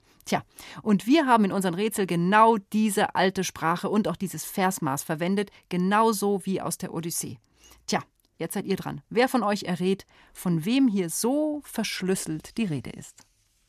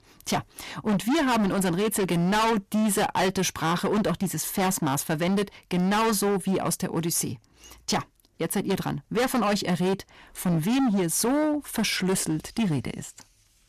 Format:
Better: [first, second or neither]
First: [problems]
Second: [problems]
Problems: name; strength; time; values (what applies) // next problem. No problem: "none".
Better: first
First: none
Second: distortion; heavy; 20% of the sound clipped